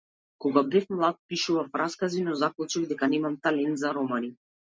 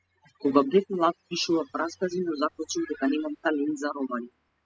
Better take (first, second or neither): first